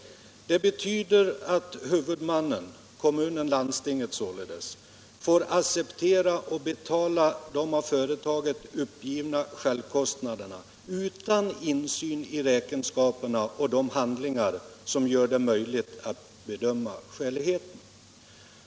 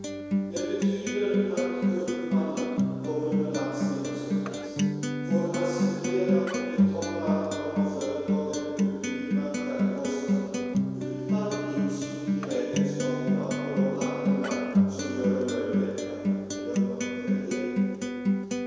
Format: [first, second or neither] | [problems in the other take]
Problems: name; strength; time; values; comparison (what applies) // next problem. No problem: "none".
first | background sound (Acoustic guitar); 4 dB above the speech // room echo; dies away in 2.2 s